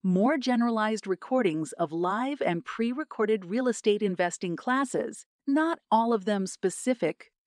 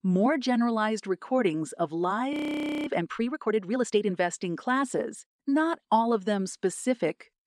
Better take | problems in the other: first | audio freezing; at 2.5 s for 0.5 s

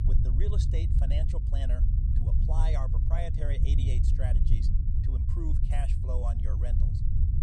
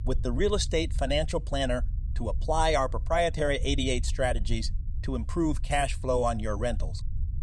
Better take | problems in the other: second | low rumble; loud; throughout; 2 dB below the speech; faint in the second

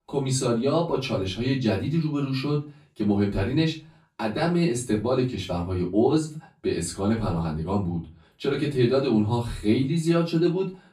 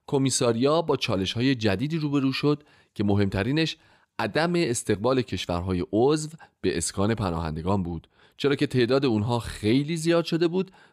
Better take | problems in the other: second | off-mic speech; far // room echo; very slight; dies away in 0.3 s

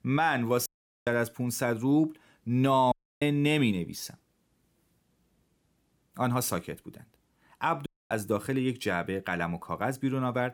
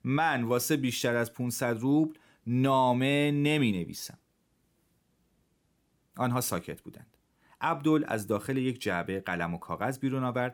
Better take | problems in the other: second | audio cutting out; at 0.5 s, at 3 s and at 8 s

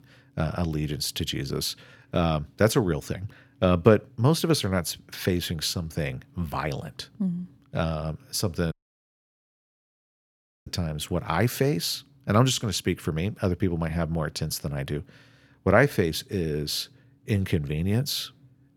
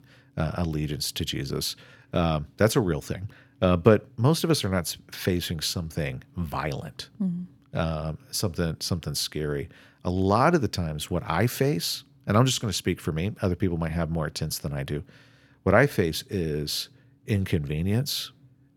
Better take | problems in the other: second | audio cutting out; at 8.5 s for 2 s

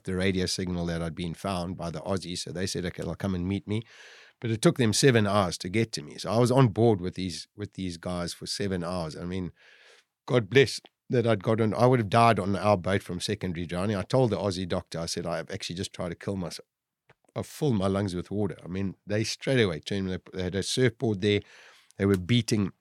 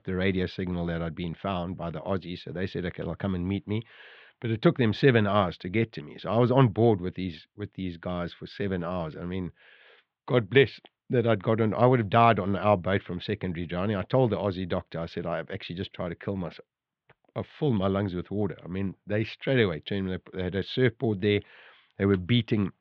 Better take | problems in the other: first | muffled; very; fading above 3.5 kHz

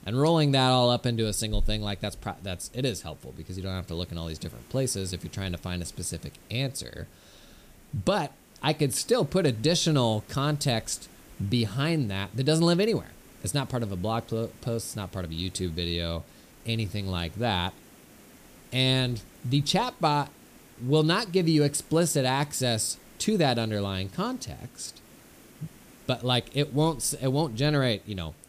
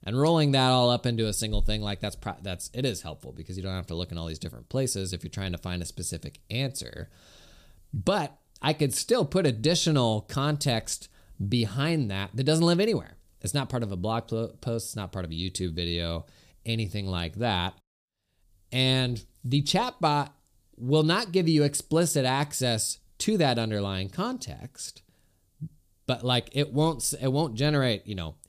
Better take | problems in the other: second | hiss; faint; throughout; 25 dB below the speech

